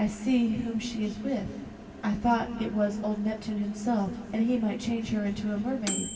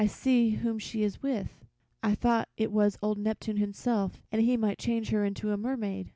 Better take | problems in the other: second | background sound (Microwave oven); 14 dB below the speech // room echo; dies away in 2.4 s

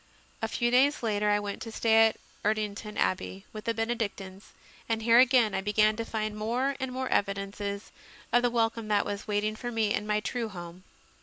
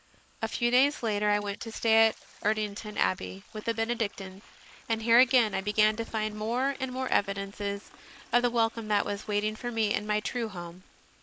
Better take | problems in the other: first | noise reduction (neural mask model Resemble Enhance denoiser)

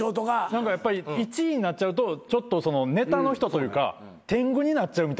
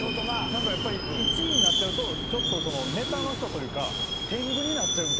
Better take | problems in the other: first | background sound (Subway, metro, underground); 4 dB above the speech

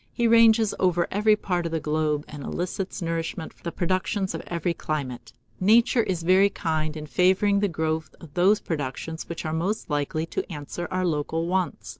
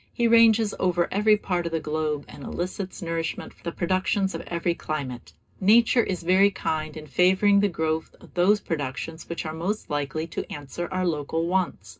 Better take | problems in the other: first | room echo; dies away in 0.2 s

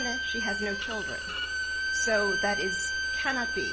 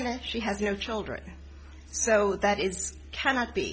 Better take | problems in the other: second | background sound (Bowed string instrument); 3 dB above the speech

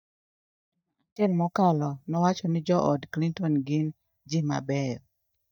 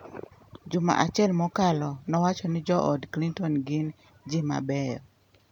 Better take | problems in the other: second | noise reduction (neural mask model DeepFilterNet 3)

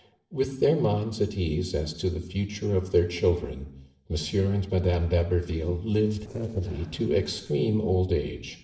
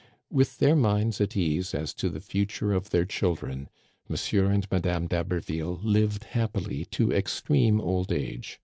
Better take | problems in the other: second | noise reduction (neural separator model SepFormer DNS4)

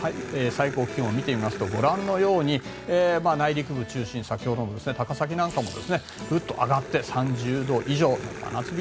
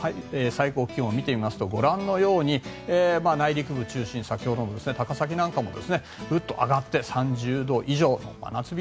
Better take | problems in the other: second | background sound (Growling); 14 dB below the speech

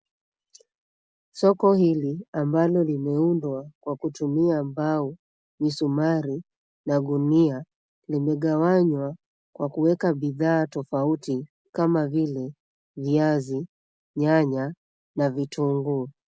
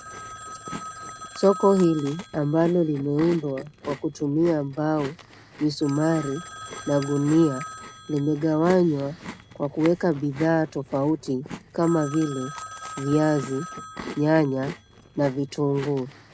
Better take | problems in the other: first | background sound (Telephone + Chewing, mastication); 15 dB below the speech

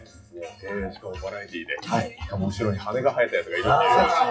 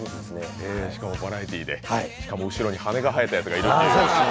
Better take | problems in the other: second | noise reduction (classical method WPE with log-MMSE)

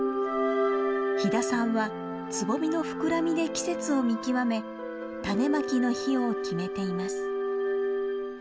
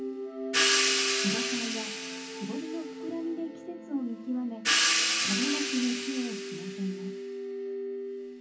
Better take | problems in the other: first | background sound (Crash cymbal / Hi-hat); 2 dB above the speech // room echo; dies away in 0.3 s

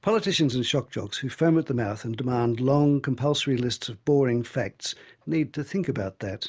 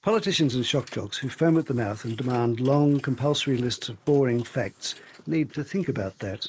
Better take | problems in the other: first | noise reduction (neural mask model Resemble Enhance denoiser)

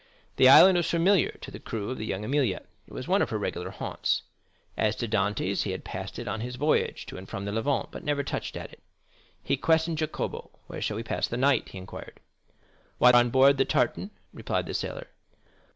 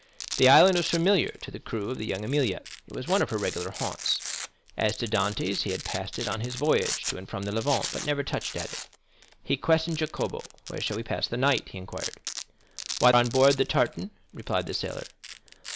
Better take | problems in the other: first | background sound (Domestic sounds, home sounds); 12 dB below the speech

